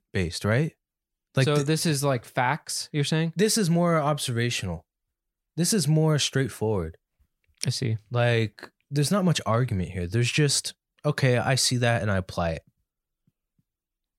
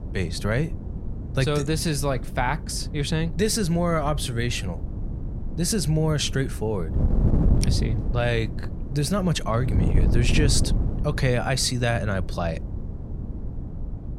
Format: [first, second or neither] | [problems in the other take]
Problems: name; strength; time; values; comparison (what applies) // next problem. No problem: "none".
first | wind noise on the microphone; occasional gusts; 10 dB below the speech